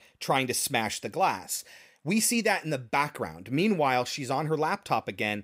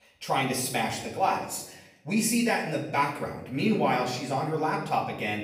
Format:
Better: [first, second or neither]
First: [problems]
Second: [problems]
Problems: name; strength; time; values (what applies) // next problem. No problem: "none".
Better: first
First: none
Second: off-mic speech; far // room echo; noticeable; dies away in 0.8 s